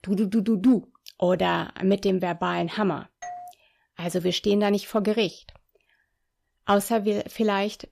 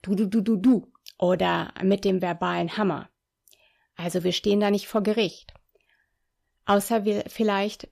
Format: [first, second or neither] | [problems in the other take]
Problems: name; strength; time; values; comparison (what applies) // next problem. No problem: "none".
second | doorbell; faint; at 3 s; peak 15 dB below the speech